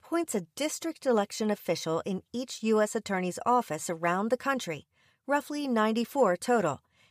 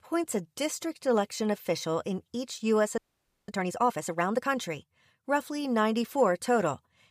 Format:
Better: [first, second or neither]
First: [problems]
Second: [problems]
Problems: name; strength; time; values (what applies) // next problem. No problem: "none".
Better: first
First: none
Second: audio freezing; at 3 s for 0.5 s